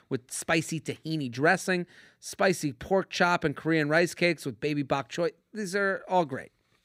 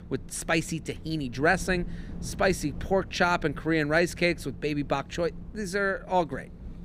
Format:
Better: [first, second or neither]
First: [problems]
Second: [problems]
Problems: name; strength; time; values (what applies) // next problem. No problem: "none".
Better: first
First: none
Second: wind noise on the microphone; occasional gusts; 25 dB below the speech